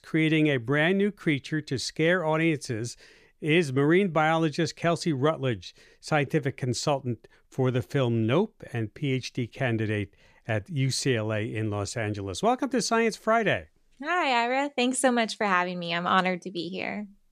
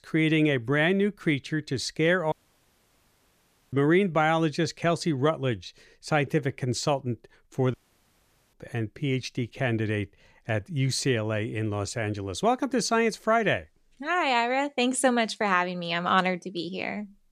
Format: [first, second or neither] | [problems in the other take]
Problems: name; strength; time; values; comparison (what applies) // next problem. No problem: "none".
first | audio cutting out; at 2.5 s for 1.5 s and at 7.5 s for 1 s